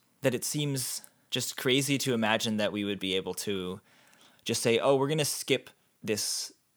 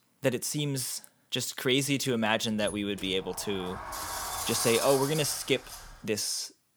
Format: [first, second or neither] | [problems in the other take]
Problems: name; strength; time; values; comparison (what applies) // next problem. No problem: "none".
first | door banging; noticeable; from 2.5 to 6 s; peak 1 dB below the speech